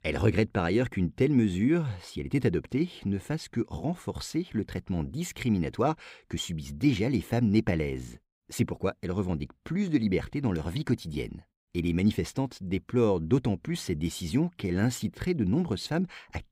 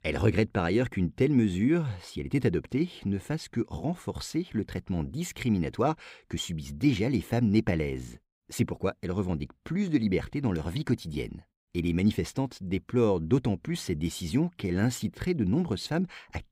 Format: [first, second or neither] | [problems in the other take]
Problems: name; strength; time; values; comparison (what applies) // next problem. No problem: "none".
neither | none